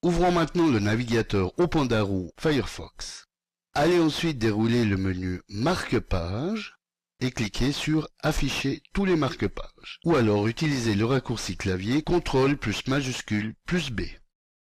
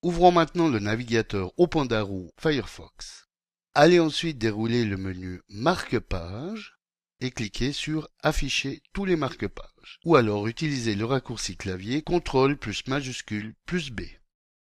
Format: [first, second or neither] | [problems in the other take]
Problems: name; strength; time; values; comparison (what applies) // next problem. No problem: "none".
second | distortion; heavy; 6 dB below the speech